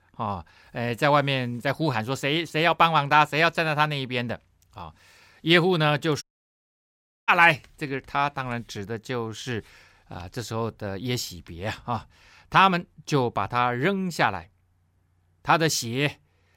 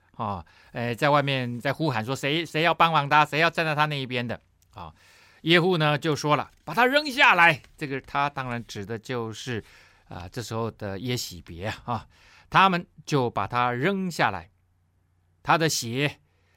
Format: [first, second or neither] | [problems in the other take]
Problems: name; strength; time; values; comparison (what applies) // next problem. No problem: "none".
second | audio cutting out; at 6 s for 1 s